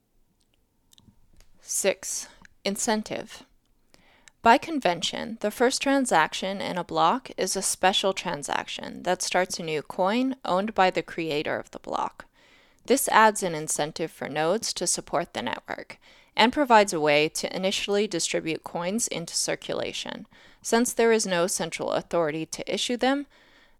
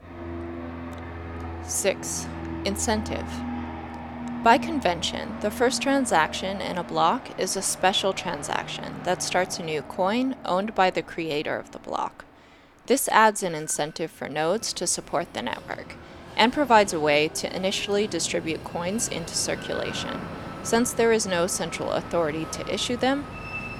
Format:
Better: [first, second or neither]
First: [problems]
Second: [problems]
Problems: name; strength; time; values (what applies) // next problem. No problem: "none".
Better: first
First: none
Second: train or aircraft noise; noticeable; throughout; 10 dB below the speech